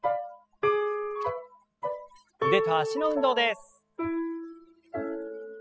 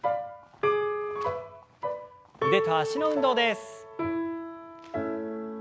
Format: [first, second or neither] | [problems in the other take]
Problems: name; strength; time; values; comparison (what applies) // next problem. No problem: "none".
second | noise reduction (classical method spectral subtraction)